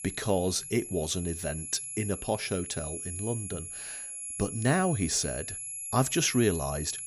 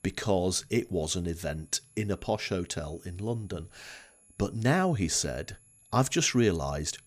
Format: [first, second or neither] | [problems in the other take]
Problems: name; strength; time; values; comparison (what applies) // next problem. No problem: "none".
second | high-pitched whine; loud; throughout; 11 kHz, 6 dB below the speech; faint in the second